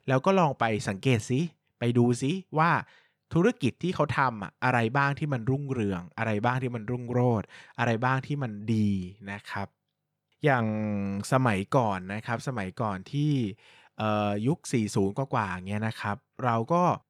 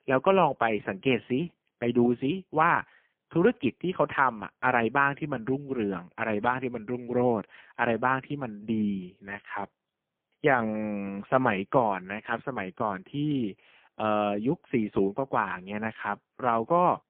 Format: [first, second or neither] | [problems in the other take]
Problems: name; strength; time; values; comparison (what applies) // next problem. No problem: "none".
first | phone-call audio; poor line